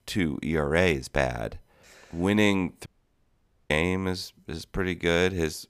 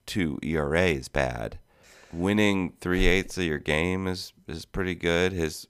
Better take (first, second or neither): second